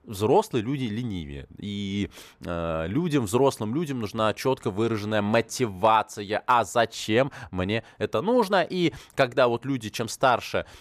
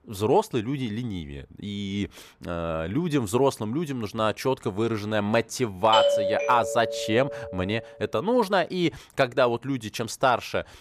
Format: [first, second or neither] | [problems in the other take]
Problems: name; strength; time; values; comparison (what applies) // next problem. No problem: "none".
first | doorbell; loud; from 6 to 7.5 s; peak 4 dB above the speech